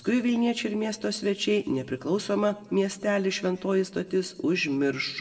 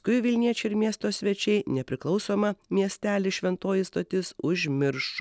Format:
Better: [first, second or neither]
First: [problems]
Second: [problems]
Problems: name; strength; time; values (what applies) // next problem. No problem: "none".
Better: second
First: room echo; dies away in 1.6 s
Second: none